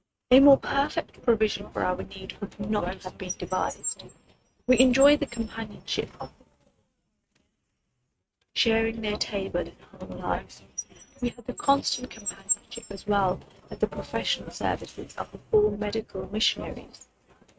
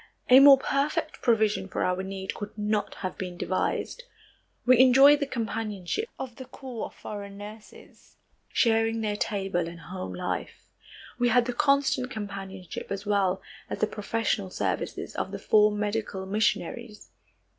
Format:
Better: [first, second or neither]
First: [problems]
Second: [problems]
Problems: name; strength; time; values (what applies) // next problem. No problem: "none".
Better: second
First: noise reduction (neural mask model RNNoise)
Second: none